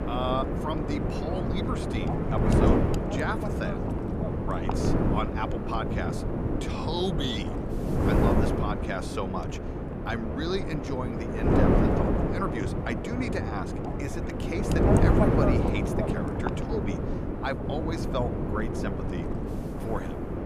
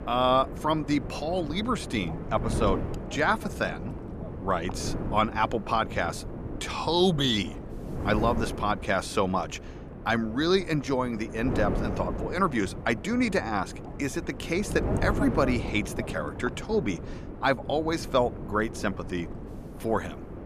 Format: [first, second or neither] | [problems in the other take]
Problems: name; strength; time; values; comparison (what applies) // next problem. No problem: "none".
second | wind noise on the microphone; heavy; 2 dB above the speech; occasional gusts in the second